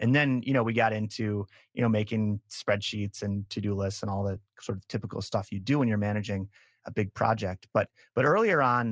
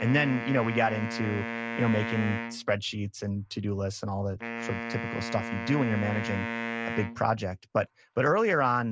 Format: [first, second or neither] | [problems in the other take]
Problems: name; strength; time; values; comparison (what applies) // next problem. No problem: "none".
first | background sound (Wind instrument, woodwind instrument); 7 dB below the speech